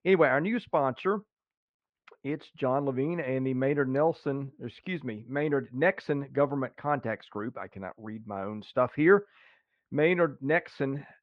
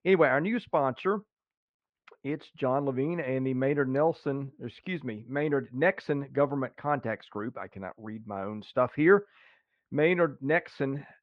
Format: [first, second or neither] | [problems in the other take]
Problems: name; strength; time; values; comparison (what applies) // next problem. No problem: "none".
neither | muffled; very; fading above 2.5 kHz; the same in both